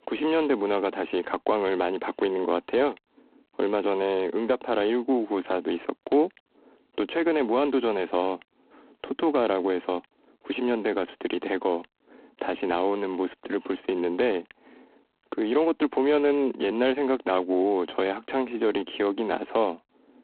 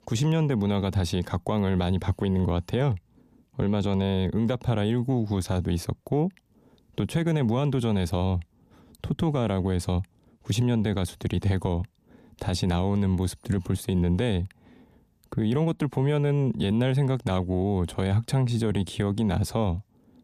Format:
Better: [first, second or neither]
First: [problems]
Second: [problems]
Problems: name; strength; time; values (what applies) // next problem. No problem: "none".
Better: second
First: phone-call audio; poor line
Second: none